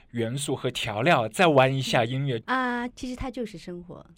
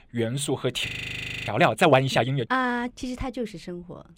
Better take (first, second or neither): first